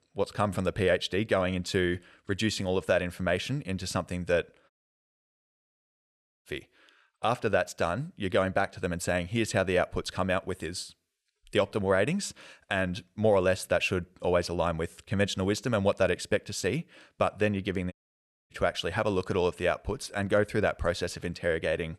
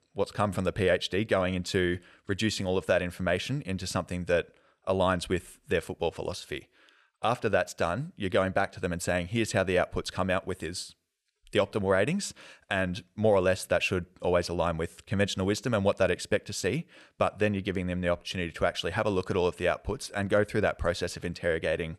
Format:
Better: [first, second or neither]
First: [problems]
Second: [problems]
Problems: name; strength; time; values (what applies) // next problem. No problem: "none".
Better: second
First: audio cutting out; at 4.5 s for 2 s and at 18 s for 0.5 s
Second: none